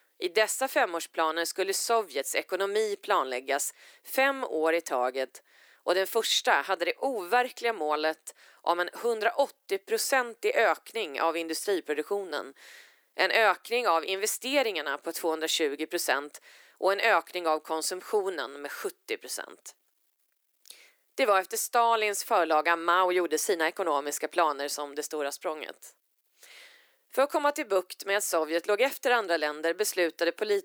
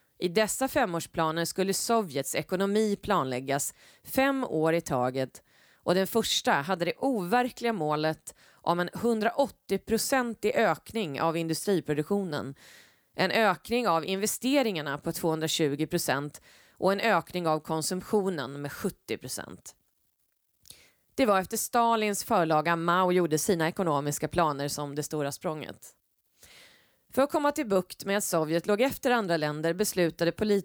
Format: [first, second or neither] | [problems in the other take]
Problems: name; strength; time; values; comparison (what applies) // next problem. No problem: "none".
second | thin; very; fading below 350 Hz